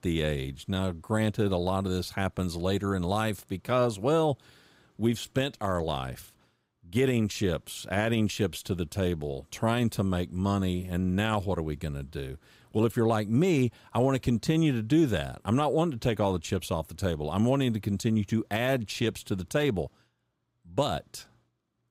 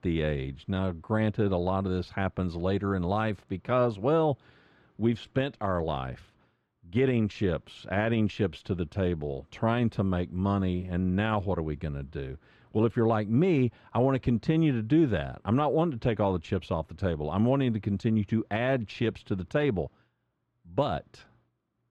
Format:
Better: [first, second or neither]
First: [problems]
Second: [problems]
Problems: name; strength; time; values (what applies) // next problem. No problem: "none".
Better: first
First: none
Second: muffled; slightly; fading above 2.5 kHz